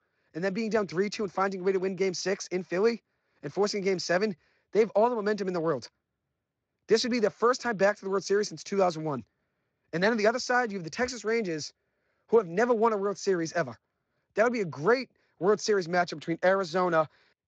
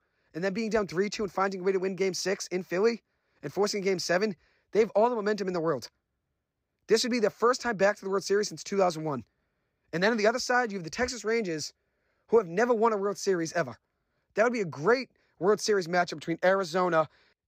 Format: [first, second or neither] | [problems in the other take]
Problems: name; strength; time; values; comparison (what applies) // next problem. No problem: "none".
second | garbled, watery; slightly